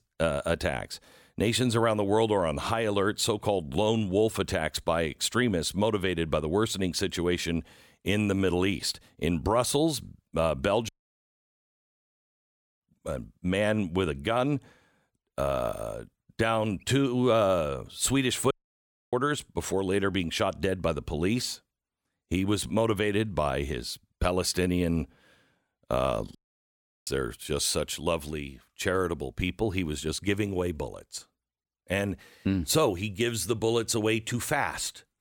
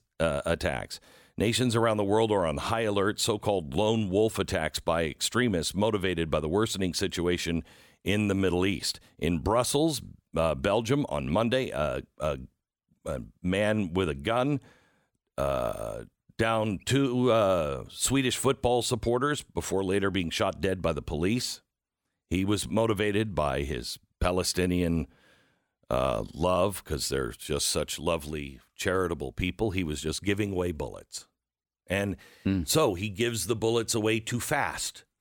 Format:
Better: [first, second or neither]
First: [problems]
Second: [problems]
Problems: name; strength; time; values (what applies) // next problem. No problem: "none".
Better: second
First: audio cutting out; at 11 s for 2 s, at 19 s for 0.5 s and at 26 s for 0.5 s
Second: none